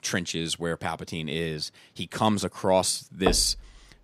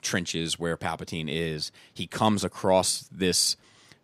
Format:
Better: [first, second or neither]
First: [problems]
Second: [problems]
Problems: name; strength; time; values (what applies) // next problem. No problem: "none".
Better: second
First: door banging; noticeable; at 3.5 s; peak 3 dB below the speech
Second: none